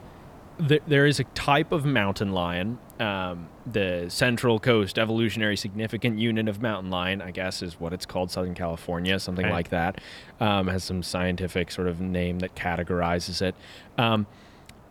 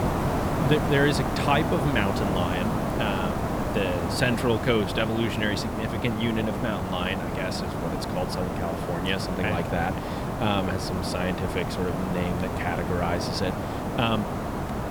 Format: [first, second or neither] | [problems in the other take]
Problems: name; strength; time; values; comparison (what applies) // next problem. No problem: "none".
first | hiss; loud; throughout; 1 dB below the speech; faint in the first